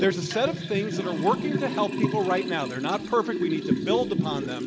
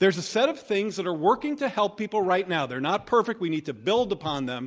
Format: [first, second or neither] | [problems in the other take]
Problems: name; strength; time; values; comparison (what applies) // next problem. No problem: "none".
second | background sound (Liquid); 2 dB below the speech